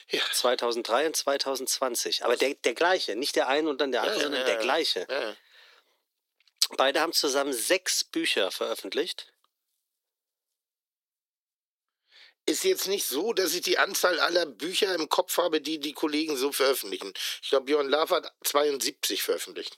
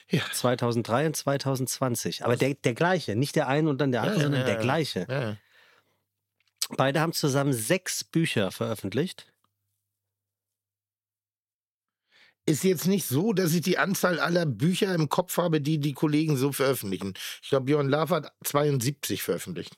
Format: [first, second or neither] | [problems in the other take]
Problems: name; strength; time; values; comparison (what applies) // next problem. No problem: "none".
second | thin; somewhat; fading below 350 Hz